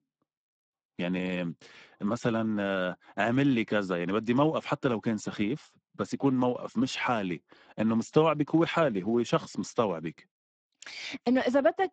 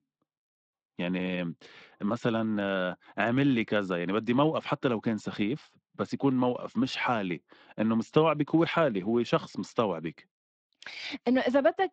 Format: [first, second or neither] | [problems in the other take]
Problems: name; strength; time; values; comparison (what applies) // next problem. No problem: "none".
second | garbled, watery; badly; nothing above 7.5 kHz; slightly in the second